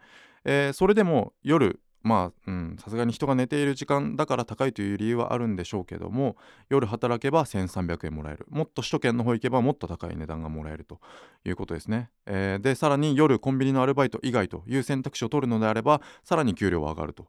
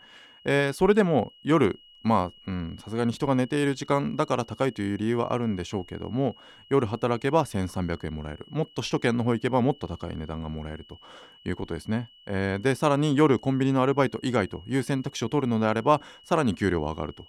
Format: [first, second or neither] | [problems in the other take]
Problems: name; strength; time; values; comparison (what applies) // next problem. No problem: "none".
first | high-pitched whine; faint; throughout; 3 kHz, 25 dB below the speech